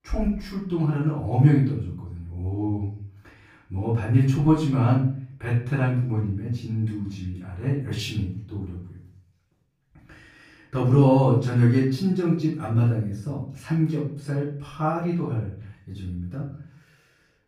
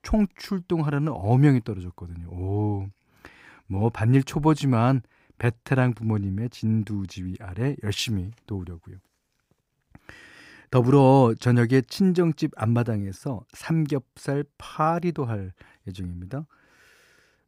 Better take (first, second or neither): second